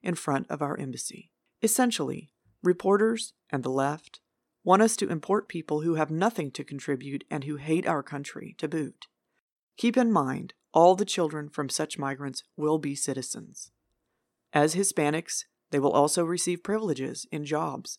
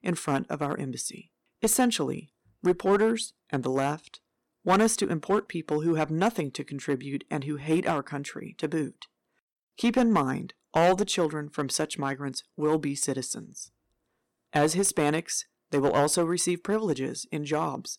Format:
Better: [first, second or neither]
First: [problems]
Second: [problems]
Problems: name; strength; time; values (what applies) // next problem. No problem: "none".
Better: first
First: none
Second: distortion; slight; 2% of the sound clipped